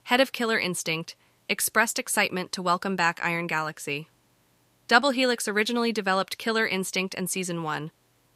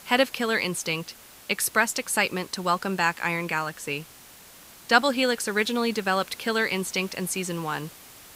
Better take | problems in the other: first | hiss; faint; throughout; 20 dB below the speech

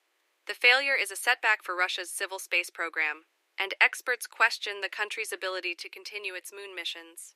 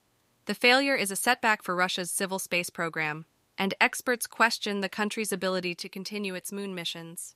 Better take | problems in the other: second | thin; very; fading below 350 Hz

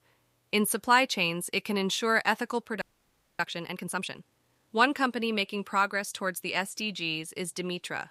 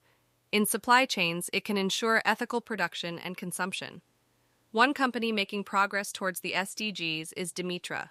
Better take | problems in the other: second | audio freezing; at 3 s for 0.5 s

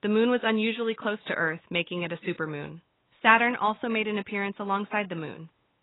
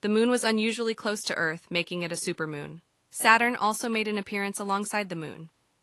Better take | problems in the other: second | garbled, watery; badly; nothing above 4 kHz; slightly in the second

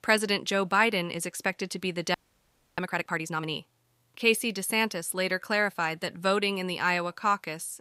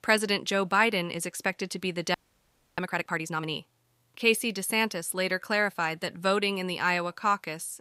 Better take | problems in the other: neither | audio freezing; at 2 s for 0.5 s; the same in both

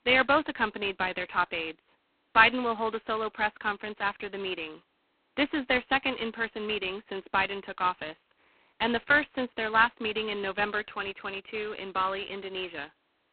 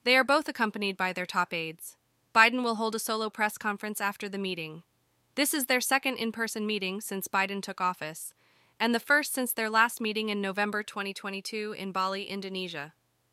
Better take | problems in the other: second | phone-call audio; poor line; nothing above 4 kHz

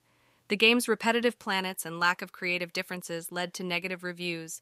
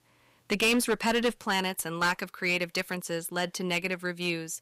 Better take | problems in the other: first | distortion; heavy; 7% of the sound clipped

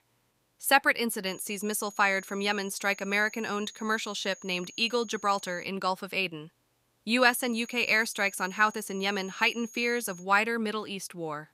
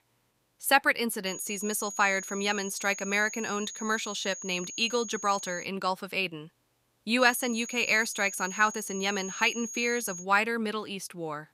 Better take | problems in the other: first | high-pitched whine; loud; from 1.5 to 5.5 s and from 7 to 10 s; 6.5 kHz, 10 dB below the speech; faint in the first

